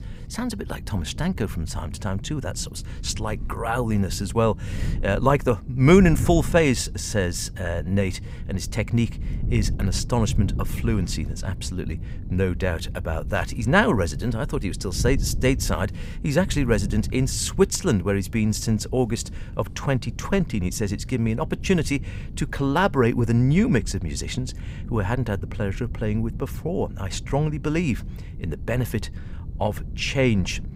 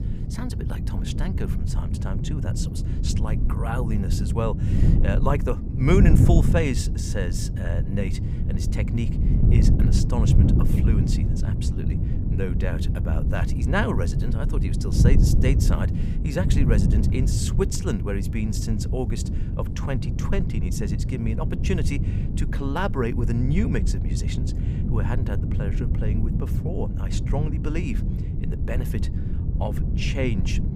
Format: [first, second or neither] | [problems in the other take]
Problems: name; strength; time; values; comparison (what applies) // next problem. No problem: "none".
first | wind noise on the microphone; heavy; 4 dB below the speech; occasional gusts in the first